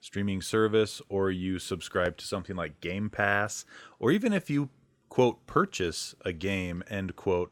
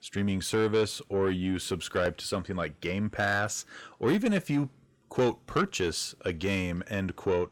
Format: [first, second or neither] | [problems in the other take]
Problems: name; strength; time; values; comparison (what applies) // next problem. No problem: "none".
first | distortion; slight; 10 dB below the speech